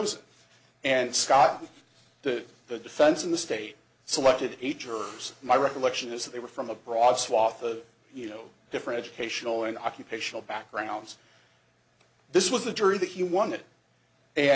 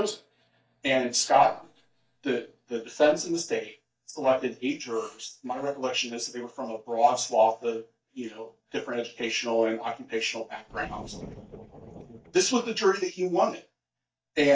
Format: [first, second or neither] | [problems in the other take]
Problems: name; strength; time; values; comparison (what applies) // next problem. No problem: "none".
first | noise reduction (neural mask model DeepFilterNet 3)